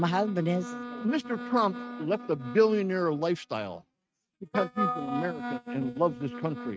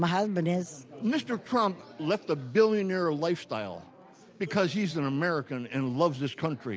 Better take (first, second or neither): second